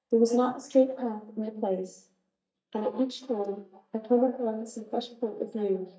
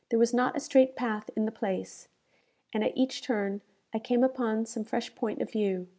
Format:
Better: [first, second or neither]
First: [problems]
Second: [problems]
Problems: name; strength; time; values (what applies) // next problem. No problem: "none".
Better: second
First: noise reduction (neural mask model DeepFilterNet 3)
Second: none